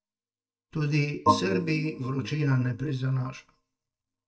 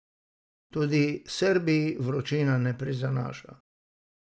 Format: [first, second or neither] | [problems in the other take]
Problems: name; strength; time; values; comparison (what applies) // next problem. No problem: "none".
second | noise reduction (neural mask model DeepFilterNet 3)